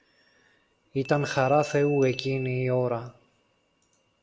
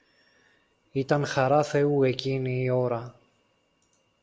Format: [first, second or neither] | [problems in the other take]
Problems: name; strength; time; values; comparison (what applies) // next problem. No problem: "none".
second | background sound (Glass / Bell); 19 dB below the speech